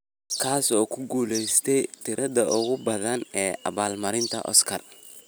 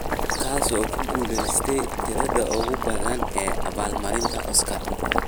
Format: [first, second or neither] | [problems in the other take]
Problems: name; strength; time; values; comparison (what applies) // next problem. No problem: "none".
first | background sound (Boiling); 2 dB above the speech